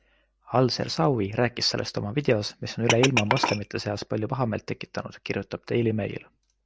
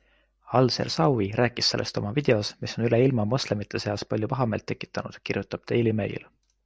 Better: second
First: background sound (Glass); 4 dB below the speech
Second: none

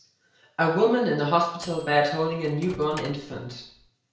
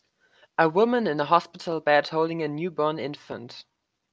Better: second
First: background sound (Microwave oven); 19 dB below the speech // room echo; dies away in 0.5 s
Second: none

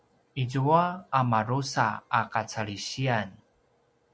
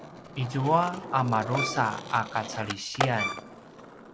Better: first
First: none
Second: background sound (Bowed string instrument + Skateboard); 6 dB below the speech

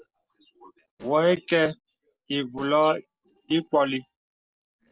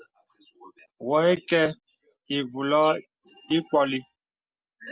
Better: second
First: noise reduction (neural separator model SepFormer DNS4)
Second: none

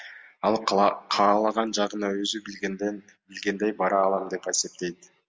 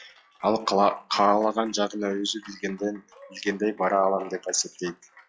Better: first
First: none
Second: noise reduction (classical method log-MMSE)

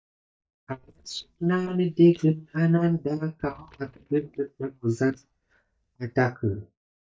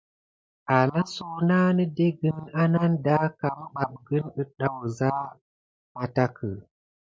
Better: second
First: noise reduction (neural mask model DeepFilterNet 3)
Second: none

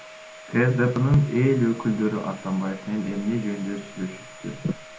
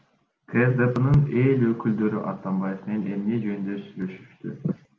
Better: second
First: background sound (Domestic sounds, home sounds); 18 dB below the speech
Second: none

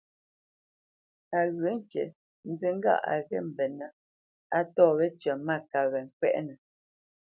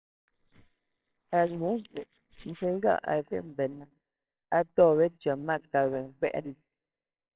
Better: first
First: none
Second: noise reduction (neural separator model SepFormer WHAMR!)

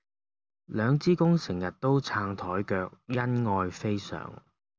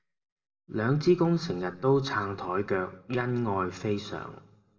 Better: first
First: none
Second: room echo; dies away in 0.7 s

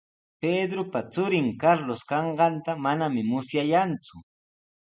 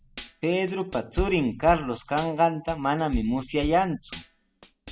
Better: first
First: none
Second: background sound (Tambourine / Drum / Drum kit); 12 dB below the speech

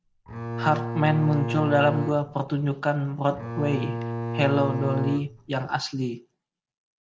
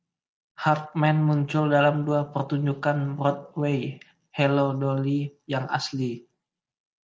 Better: second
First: background sound (Bowed string instrument); 5 dB below the speech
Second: none

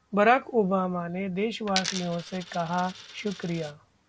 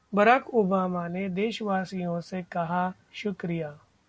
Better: second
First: background sound (Coin (dropping)); 11 dB below the speech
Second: none

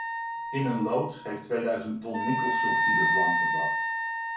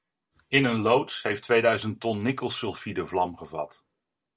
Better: second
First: background sound (Wind instrument, woodwind instrument); 3 dB above the speech // room echo; dies away in 0.5 s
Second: none

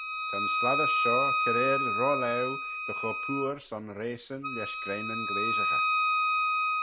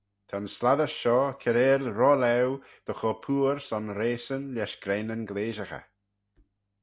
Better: second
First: background sound (Wind instrument, woodwind instrument); 5 dB above the speech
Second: none

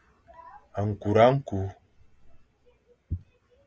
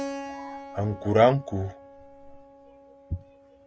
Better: first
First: none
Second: background sound (Keyboard (musical)); 13 dB below the speech

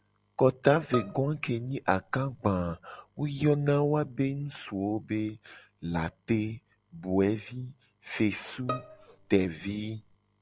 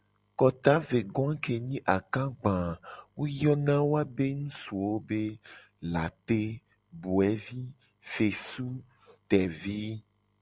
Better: second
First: background sound (Bowed string instrument); 12 dB below the speech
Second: none

